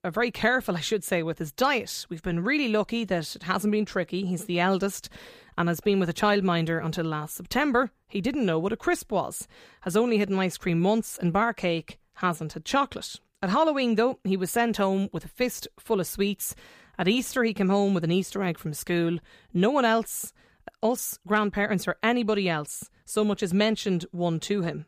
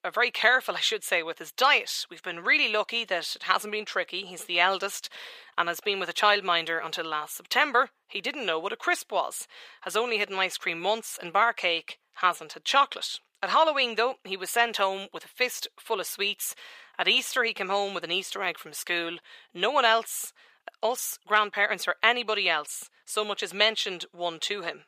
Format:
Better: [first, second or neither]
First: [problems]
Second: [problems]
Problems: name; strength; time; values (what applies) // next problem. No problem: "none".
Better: first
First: none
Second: thin; very; fading below 650 Hz